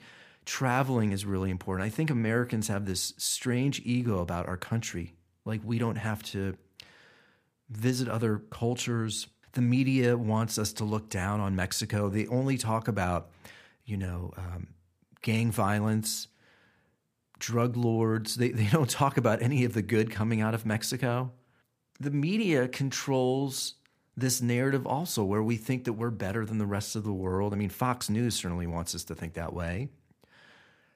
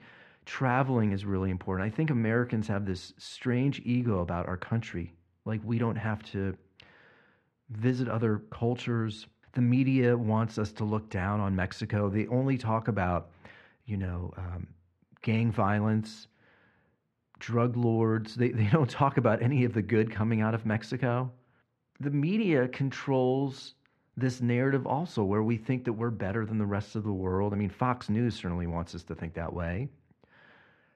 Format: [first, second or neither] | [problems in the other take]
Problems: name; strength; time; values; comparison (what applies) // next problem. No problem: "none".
first | muffled; slightly; fading above 2.5 kHz